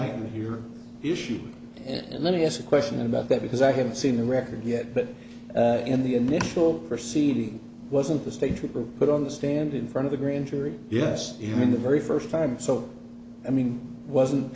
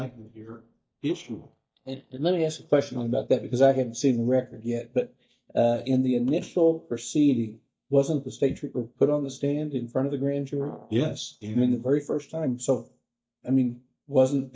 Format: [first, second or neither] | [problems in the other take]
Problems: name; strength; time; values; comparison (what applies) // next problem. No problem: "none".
first | noise reduction (neural mask model DeepFilterNet 3)